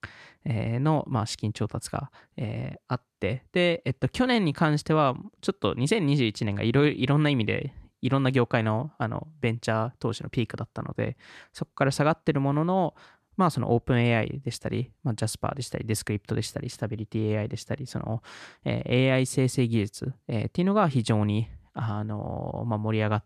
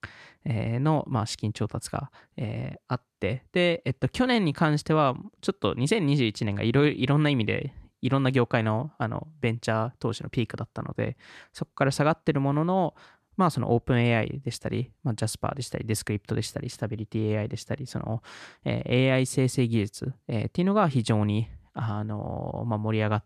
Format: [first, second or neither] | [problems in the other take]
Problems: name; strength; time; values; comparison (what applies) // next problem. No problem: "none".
neither | none